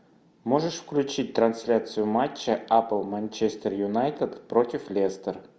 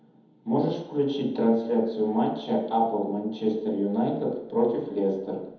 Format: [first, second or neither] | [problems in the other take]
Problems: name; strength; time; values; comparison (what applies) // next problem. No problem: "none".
first | room echo; dies away in 1 s